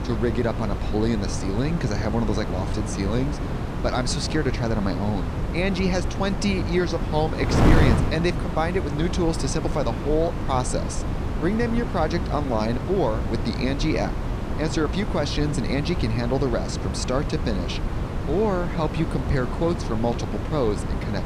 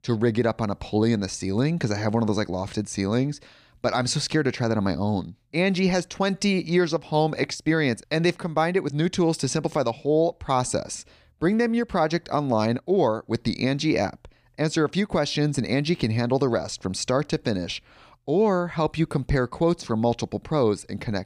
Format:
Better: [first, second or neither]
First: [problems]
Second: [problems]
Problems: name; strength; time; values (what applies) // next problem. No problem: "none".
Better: second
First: wind noise on the microphone; heavy; 5 dB below the speech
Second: none